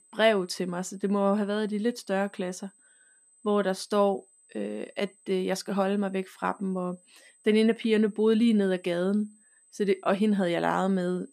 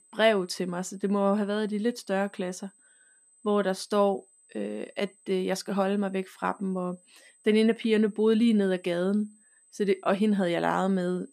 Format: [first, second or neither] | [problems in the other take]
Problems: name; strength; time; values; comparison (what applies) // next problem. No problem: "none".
neither | high-pitched whine; faint; throughout; 8 kHz, 30 dB below the speech; the same in both